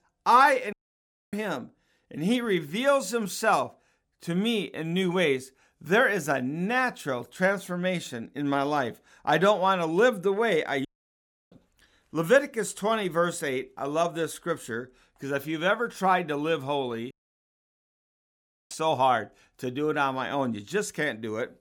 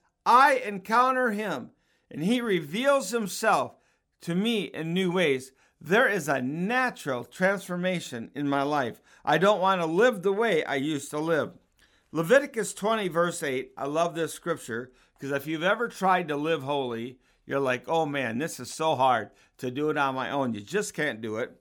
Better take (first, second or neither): second